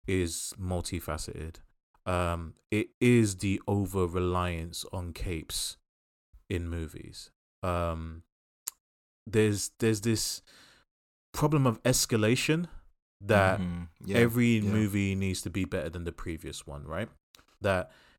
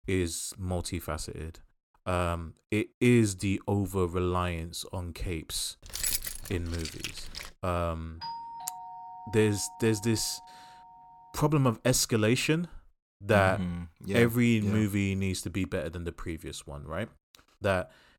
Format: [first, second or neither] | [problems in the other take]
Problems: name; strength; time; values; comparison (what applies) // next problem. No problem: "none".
first | jangling keys; loud; from 6 to 7.5 s; peak level with the speech // doorbell; noticeable; from 8 to 11 s; peak 10 dB below the speech